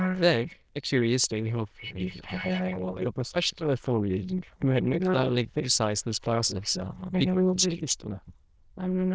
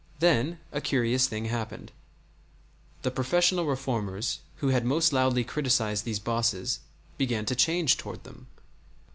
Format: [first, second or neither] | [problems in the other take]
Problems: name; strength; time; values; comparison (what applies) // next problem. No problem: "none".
second | noise reduction (neural diffusion model UNIVERSE++)